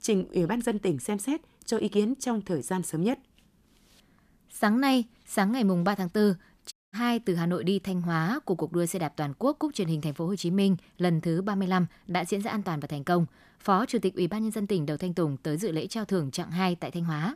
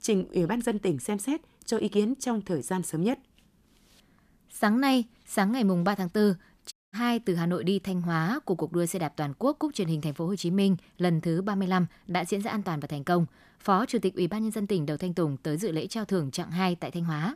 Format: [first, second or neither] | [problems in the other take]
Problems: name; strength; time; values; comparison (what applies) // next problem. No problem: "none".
neither | audio cutting out; at 6.5 s; the same in both